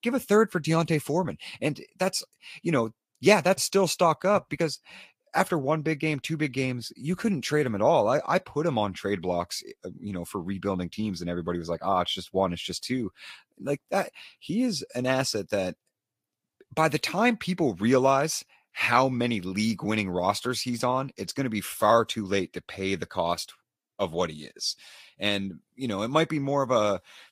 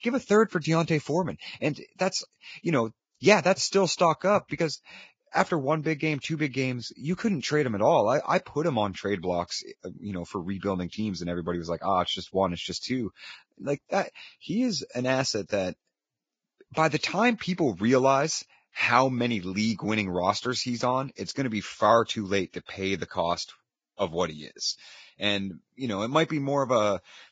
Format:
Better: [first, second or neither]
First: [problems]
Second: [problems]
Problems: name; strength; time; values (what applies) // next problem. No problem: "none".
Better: first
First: garbled, watery; slightly; nothing above 15 kHz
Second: garbled, watery; badly; nothing above 7.5 kHz